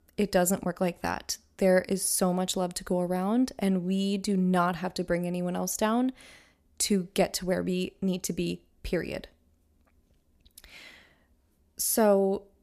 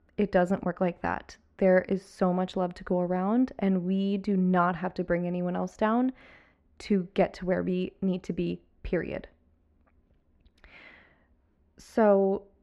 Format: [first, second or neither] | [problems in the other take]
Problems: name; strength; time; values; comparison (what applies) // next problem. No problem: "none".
first | muffled; very; fading above 2 kHz